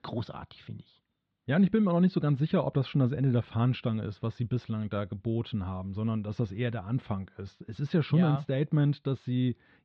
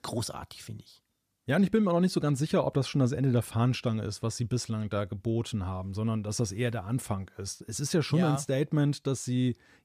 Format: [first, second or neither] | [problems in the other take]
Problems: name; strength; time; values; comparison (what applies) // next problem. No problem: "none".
second | muffled; slightly; fading above 3.5 kHz